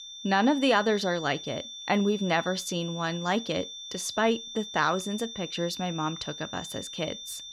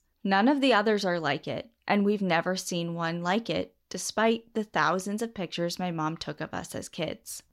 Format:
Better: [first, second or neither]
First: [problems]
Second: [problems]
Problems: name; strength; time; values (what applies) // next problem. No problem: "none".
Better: second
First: high-pitched whine; loud; throughout; 3.5 kHz, 10 dB below the speech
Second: none